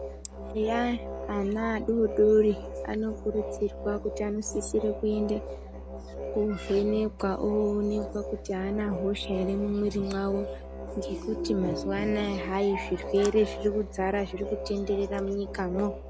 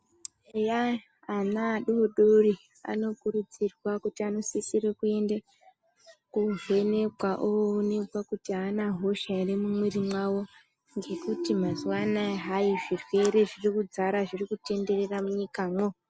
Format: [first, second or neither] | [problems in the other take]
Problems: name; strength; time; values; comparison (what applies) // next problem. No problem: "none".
second | background sound (Musical instrument); 9 dB below the speech